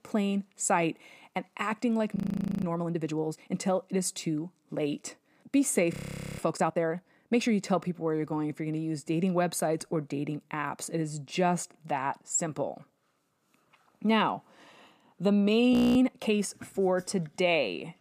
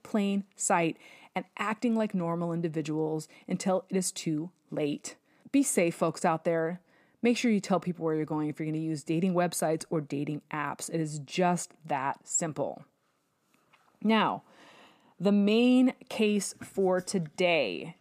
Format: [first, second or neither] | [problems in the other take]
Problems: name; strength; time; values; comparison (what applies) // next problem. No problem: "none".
second | audio freezing; at 2 s, at 6 s and at 16 s